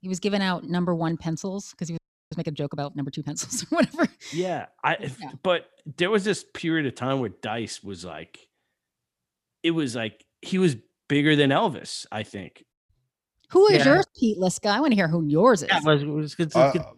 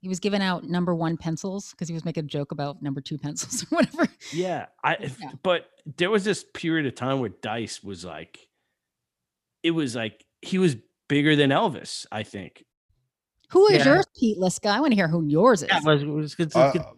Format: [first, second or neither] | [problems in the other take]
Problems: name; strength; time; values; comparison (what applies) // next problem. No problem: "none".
second | audio freezing; at 2 s